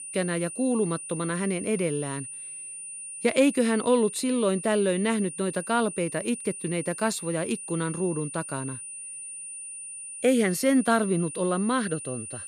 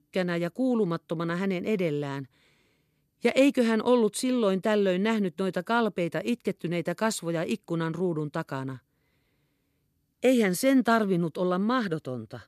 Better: second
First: high-pitched whine; loud; throughout; 9.5 kHz, 9 dB below the speech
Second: none

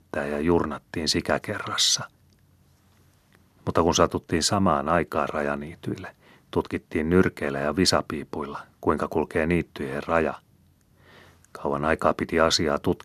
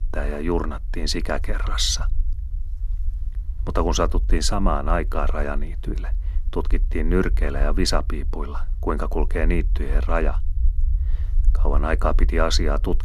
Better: first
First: none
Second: low rumble; faint; throughout; 25 dB below the speech

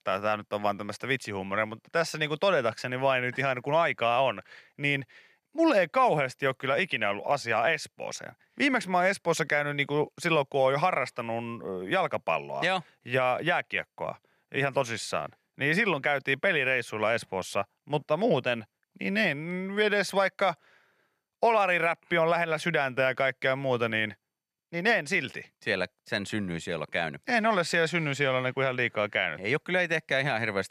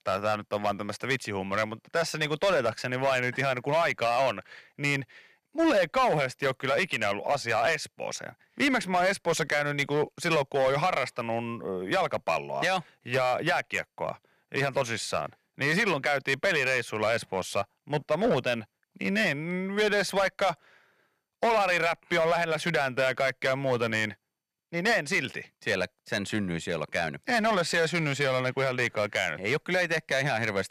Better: first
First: none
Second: distortion; slight; 6% of the sound clipped

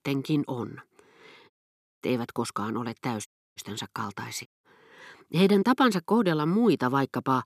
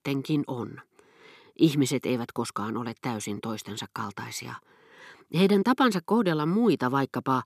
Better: second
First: audio cutting out; at 1.5 s for 0.5 s, at 3.5 s and at 4.5 s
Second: none

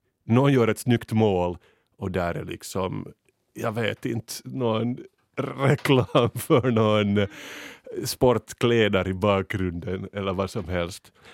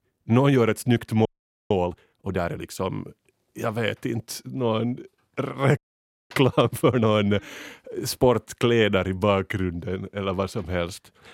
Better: first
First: none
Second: audio freezing; at 1.5 s and at 6 s for 0.5 s

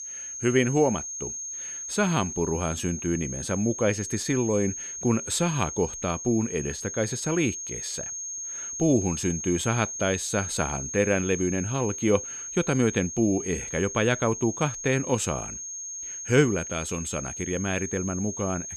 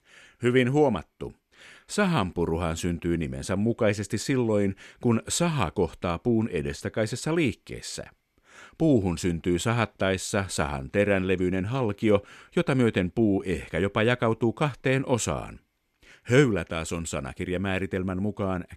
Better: second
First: high-pitched whine; loud; throughout; 6.5 kHz, 6 dB below the speech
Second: none

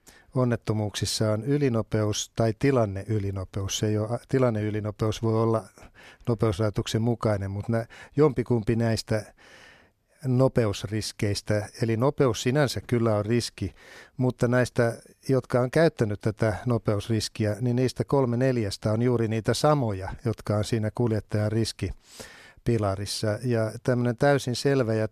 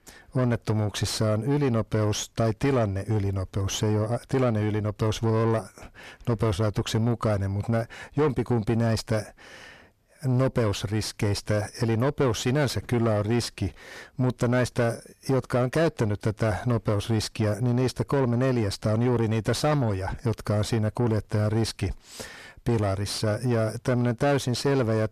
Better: first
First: none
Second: distortion; slight; 10 dB below the speech

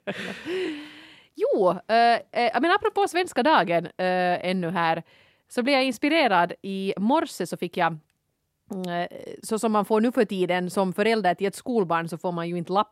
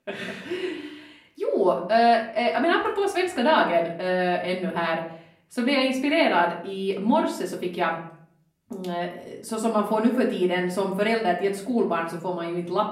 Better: first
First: none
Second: off-mic speech; far // room echo; slight; dies away in 0.5 s

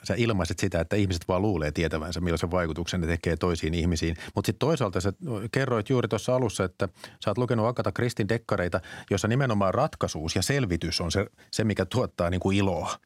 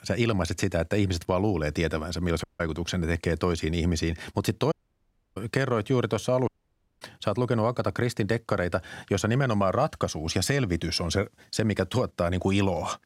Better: first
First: none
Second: audio cutting out; at 2.5 s, at 4.5 s for 0.5 s and at 6.5 s for 0.5 s

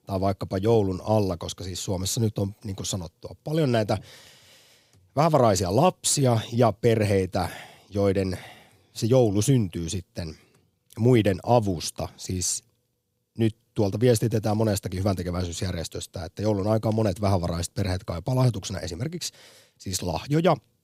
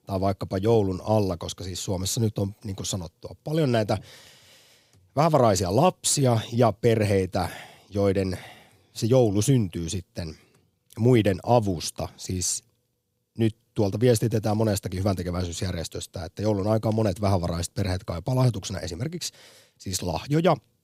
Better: neither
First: none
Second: none

